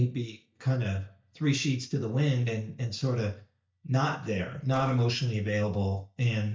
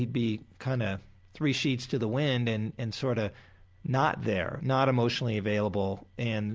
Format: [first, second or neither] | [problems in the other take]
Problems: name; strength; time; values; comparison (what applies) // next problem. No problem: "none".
second | noise reduction (neural mask model DeepFilterNet 3)